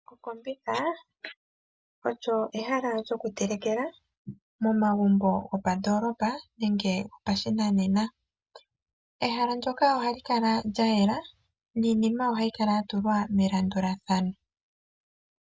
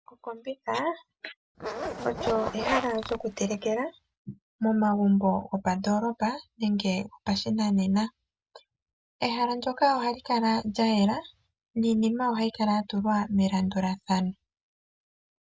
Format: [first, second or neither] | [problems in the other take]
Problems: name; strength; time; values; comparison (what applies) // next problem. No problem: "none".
first | background sound (Zipper (clothing)); 6 dB below the speech